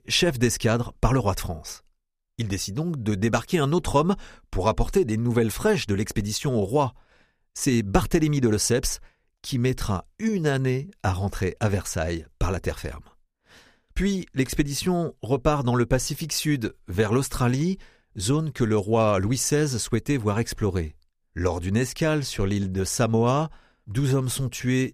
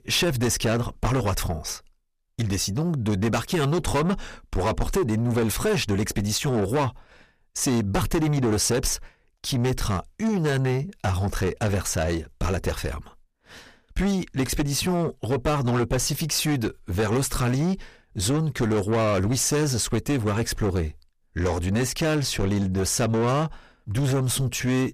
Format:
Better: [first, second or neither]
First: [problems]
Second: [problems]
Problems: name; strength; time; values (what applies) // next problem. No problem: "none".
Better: first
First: none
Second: distortion; heavy; 8 dB below the speech